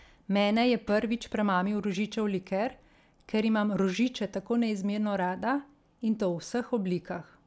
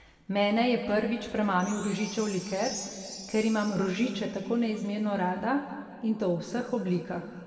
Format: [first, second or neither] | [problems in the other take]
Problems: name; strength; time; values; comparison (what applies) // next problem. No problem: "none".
first | background sound (Chime); 15 dB below the speech // room echo; dies away in 2.1 s